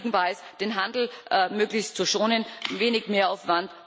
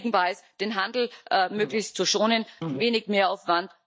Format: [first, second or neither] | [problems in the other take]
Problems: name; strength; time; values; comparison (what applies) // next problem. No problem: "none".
first | noise reduction (neural mask model DeepFilterNet 3)